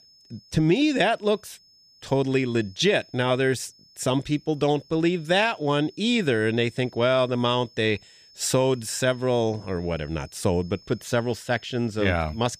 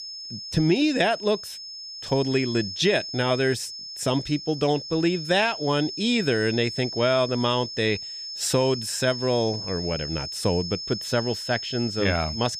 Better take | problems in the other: first | high-pitched whine; loud; throughout; 5 kHz, 8 dB below the speech; faint in the first

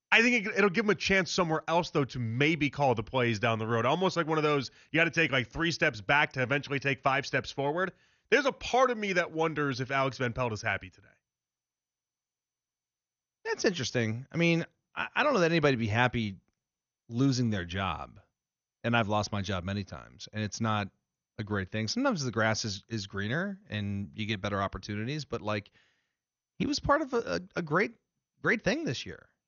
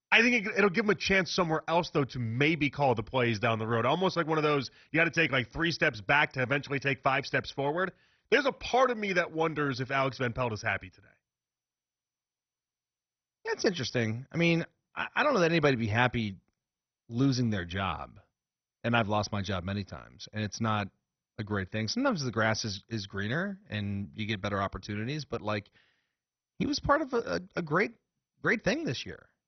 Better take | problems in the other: first | garbled, watery; badly; nothing above 6 kHz; slightly in the first

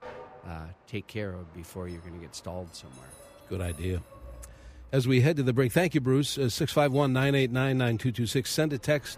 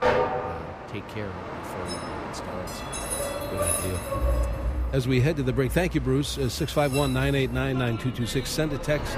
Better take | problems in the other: first | train or aircraft noise; loud; throughout; 5 dB below the speech; faint in the first

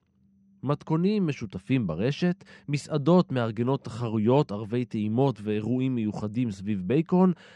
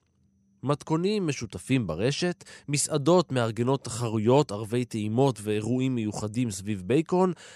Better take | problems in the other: second | muffled; slightly; fading above 3.5 kHz

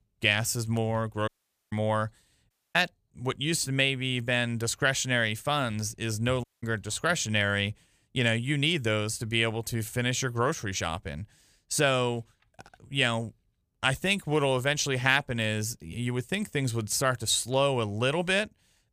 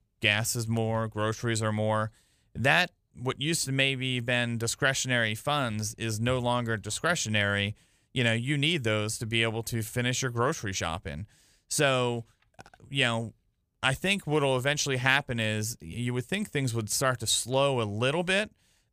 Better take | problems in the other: second | audio cutting out; at 1.5 s, at 2.5 s and at 6.5 s

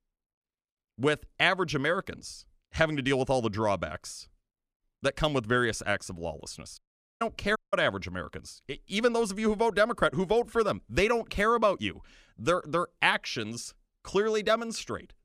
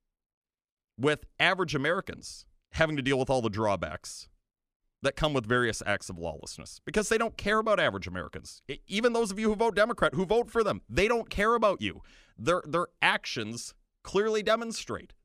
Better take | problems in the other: second | audio cutting out; at 7 s and at 7.5 s

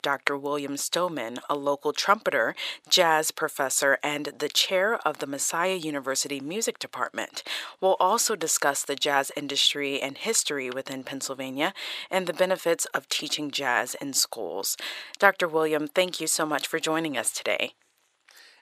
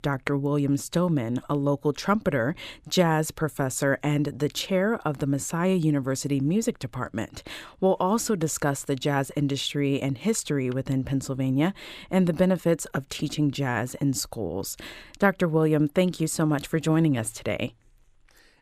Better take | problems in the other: second | thin; very; fading below 600 Hz

